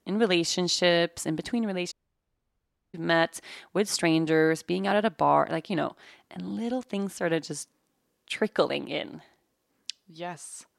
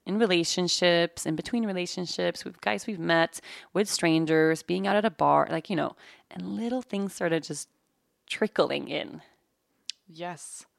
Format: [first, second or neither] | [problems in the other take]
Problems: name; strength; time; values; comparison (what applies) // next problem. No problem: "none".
second | audio cutting out; at 2 s for 1 s